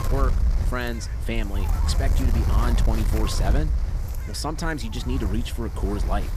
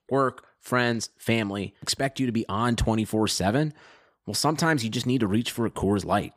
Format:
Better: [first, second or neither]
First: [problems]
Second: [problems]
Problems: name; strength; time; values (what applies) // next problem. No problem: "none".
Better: second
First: wind noise on the microphone; heavy; 6 dB below the speech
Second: none